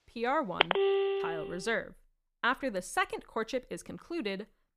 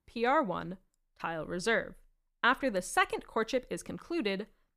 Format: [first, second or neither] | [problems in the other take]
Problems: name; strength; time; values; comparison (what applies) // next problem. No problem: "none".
second | alarms or sirens; very loud; at the start; 5 dB above the speech